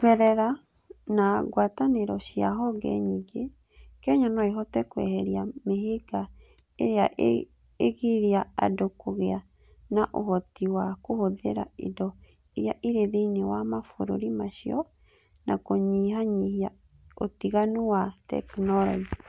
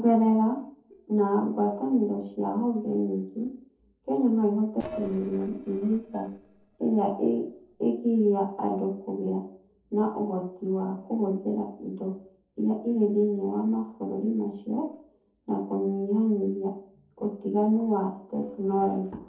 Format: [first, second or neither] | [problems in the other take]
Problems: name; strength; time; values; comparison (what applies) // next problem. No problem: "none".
first | noise reduction (neural separator model SepFormer DNS4)